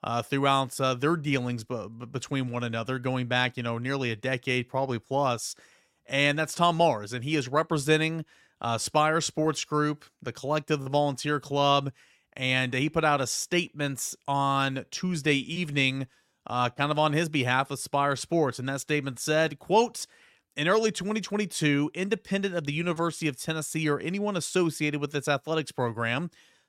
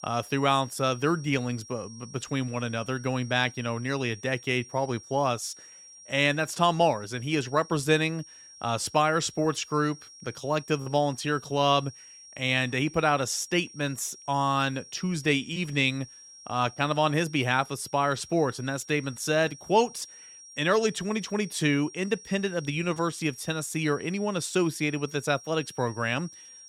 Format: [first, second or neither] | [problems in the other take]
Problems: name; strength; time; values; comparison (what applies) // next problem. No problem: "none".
first | high-pitched whine; noticeable; throughout; 5.5 kHz, 20 dB below the speech